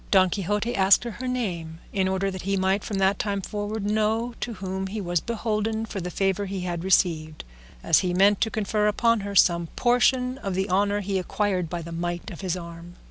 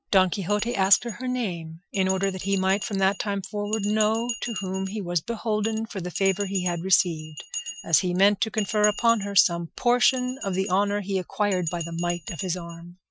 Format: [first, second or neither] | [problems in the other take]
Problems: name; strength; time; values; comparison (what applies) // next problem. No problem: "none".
first | noise reduction (classical method Wiener filter)